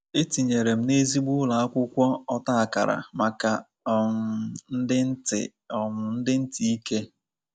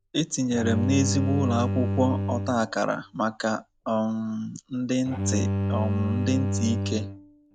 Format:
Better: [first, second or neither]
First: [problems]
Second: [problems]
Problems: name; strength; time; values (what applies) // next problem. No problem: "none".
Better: first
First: none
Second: background sound (Bowed string instrument); 2 dB below the speech